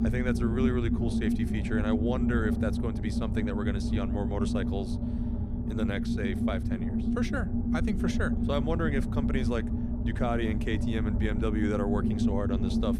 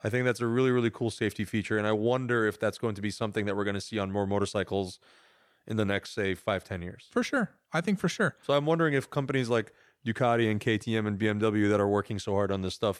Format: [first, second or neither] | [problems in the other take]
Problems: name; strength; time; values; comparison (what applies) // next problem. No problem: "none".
second | low rumble; loud; throughout; 2 dB below the speech